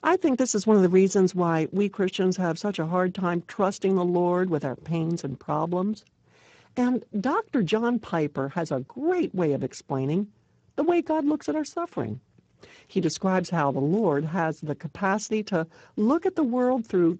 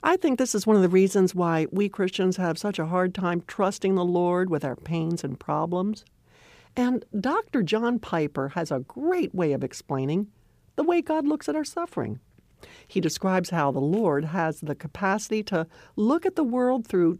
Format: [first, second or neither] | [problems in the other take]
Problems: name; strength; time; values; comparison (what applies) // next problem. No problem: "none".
second | garbled, watery; badly; nothing above 7.5 kHz